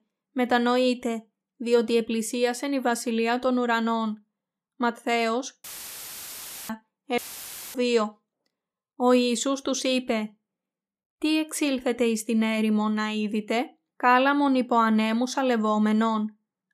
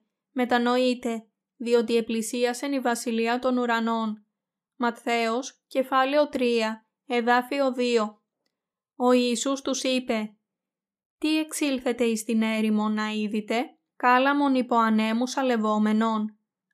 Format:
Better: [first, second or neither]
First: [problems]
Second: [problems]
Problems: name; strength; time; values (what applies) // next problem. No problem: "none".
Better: second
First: audio cutting out; filled with static; at 5.5 s for 1 s and at 7 s for 0.5 s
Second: none